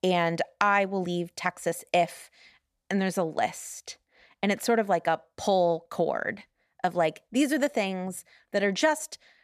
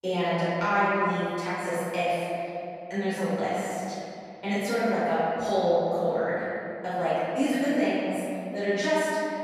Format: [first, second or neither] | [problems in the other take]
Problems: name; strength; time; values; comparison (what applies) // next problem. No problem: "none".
first | off-mic speech; far // room echo; strong; dies away in 2.5 s